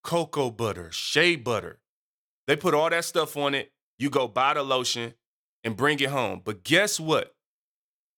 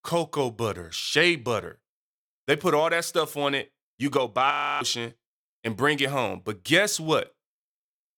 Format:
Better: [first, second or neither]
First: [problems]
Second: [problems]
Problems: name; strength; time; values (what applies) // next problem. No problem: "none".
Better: first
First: none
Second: audio freezing; at 4.5 s